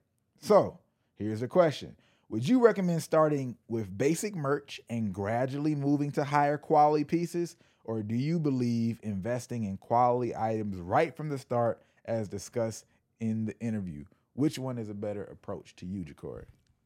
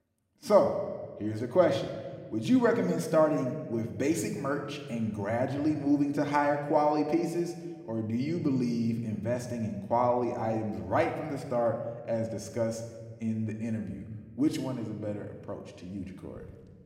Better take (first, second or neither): first